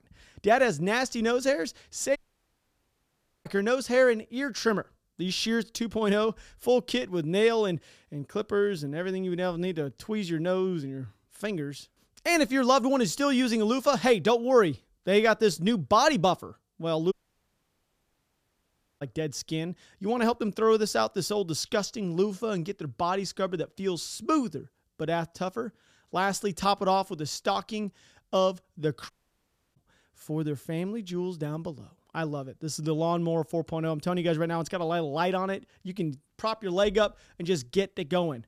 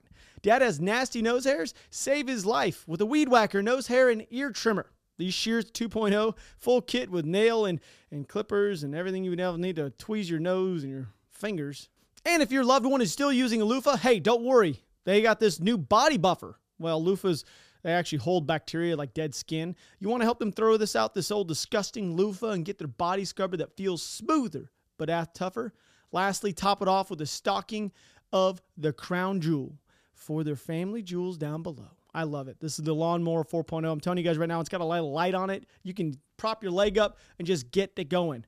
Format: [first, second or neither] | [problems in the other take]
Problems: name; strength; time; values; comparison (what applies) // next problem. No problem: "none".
second | audio cutting out; at 2 s for 1.5 s, at 17 s for 2 s and at 29 s for 0.5 s